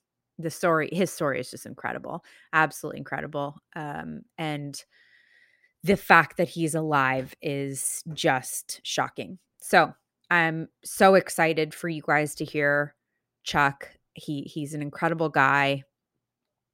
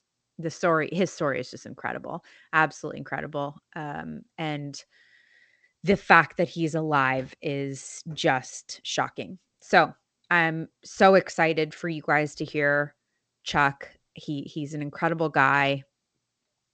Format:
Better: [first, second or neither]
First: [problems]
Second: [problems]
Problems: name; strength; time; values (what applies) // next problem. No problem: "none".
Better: first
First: none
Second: garbled, watery; slightly; nothing above 8 kHz